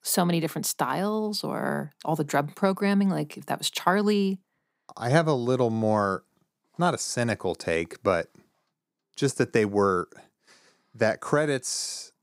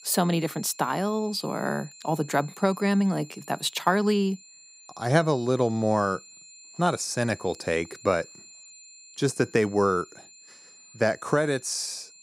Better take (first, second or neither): first